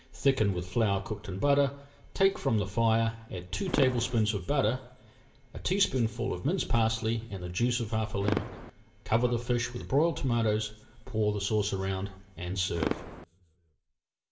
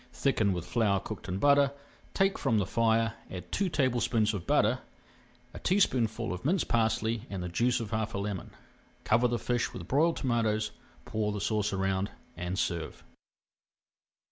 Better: second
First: background sound (Fireworks); 14 dB below the speech // room echo; dies away in 0.8 s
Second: none

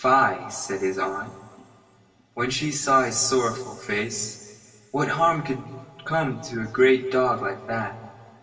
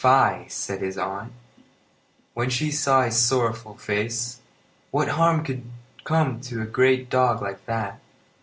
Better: second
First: room echo; dies away in 2.4 s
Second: none

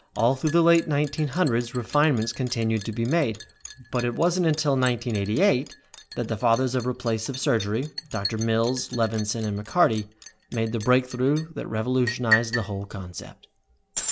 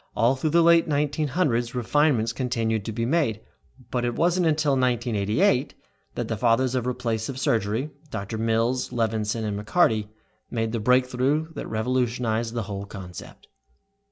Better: second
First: background sound (Liquid); 13 dB below the speech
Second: none

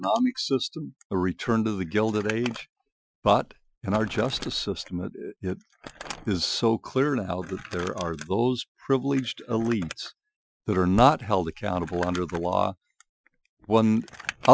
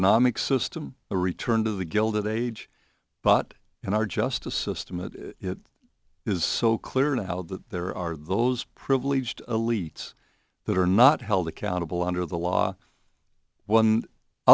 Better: second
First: noise reduction (classical method Wiener filter)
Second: none

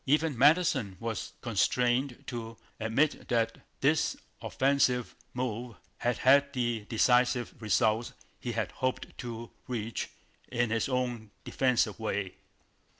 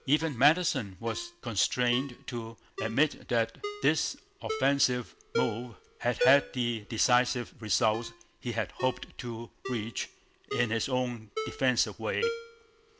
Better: first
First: none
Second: background sound (Ringtone); 9 dB below the speech

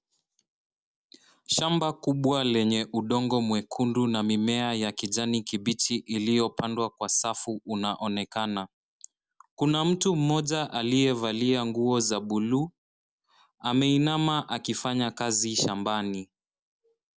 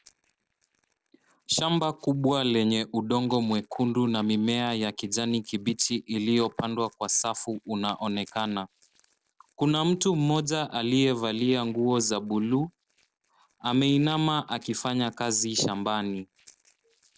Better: first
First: none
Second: noise reduction (neural separator model SepFormer DNS4)

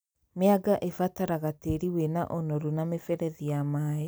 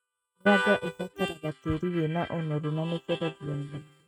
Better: first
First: none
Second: noise reduction (neural mask model RNNoise)

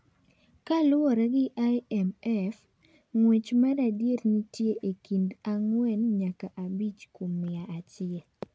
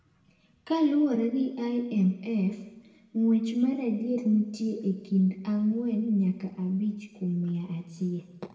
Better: first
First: none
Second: room echo; dies away in 0.9 s

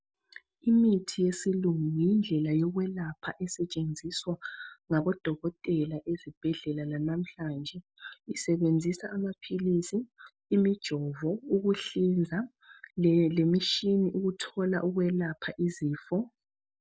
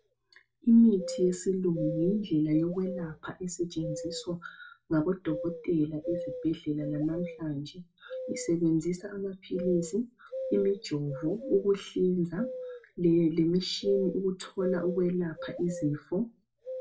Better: first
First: none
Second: background sound (Bird vocalization, bird call, bird song); 12 dB below the speech // room echo; dies away in 0.2 s

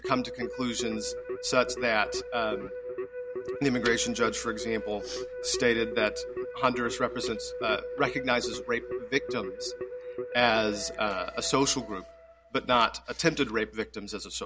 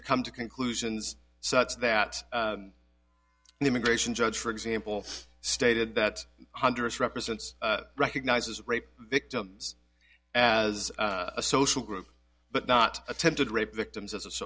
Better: second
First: background sound (Keyboard (musical)); 8 dB below the speech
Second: none

